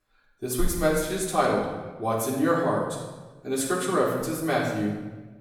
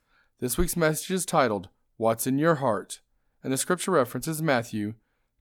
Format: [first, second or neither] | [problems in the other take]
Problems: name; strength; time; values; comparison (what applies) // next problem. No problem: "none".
second | off-mic speech; far // room echo; noticeable; dies away in 1 s